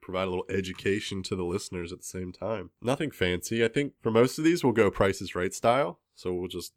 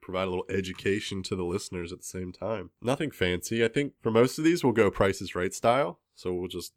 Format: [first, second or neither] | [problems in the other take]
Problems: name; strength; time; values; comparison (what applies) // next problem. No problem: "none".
neither | none